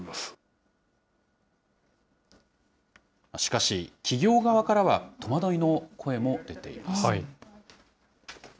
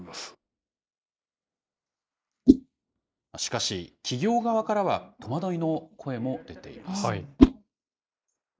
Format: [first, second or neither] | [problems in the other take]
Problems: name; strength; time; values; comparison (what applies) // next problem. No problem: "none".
first | noise reduction (neural mask model Resemble Enhance denoiser)